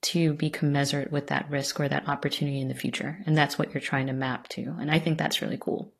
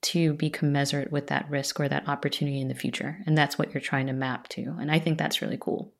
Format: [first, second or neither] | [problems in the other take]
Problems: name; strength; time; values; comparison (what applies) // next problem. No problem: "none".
second | garbled, watery; slightly; nothing above 13.5 kHz